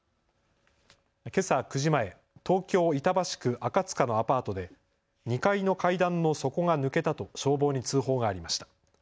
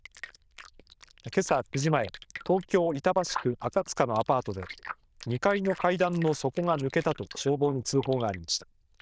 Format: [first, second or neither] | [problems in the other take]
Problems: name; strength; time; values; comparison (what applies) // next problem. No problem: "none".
first | noise reduction (neural diffusion model UNIVERSE++)